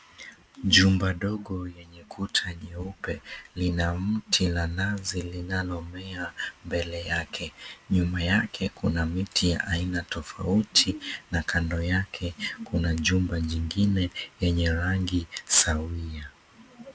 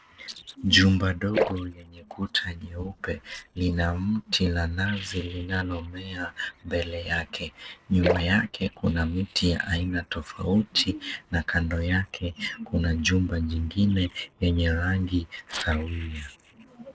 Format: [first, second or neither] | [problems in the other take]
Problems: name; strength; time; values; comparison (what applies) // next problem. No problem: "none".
first | noise reduction (neural separator model SepFormer DNS4)